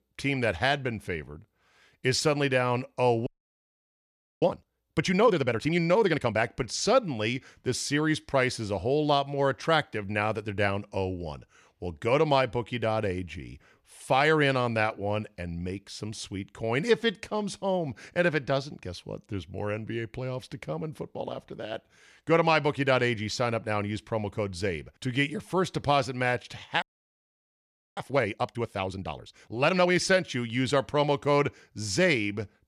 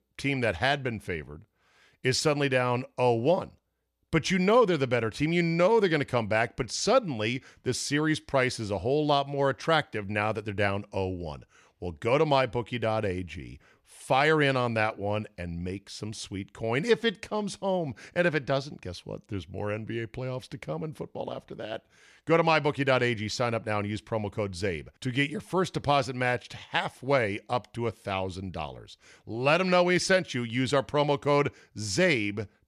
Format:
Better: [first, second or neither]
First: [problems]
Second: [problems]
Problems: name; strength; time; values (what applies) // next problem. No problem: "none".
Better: second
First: audio freezing; at 3.5 s for 1 s and at 27 s for 1 s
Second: none